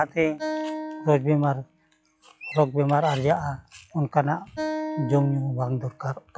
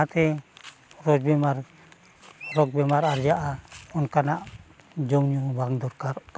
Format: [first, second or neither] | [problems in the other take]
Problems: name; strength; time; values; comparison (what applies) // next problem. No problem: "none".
second | noise reduction (classical method log-MMSE)